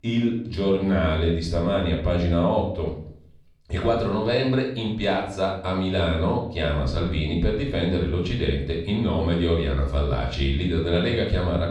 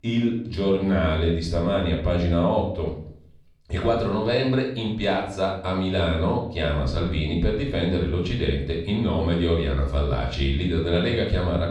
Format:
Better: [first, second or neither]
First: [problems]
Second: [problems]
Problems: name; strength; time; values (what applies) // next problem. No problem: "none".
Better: neither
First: off-mic speech; far // room echo; noticeable; dies away in 0.5 s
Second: off-mic speech; far // room echo; noticeable; dies away in 0.5 s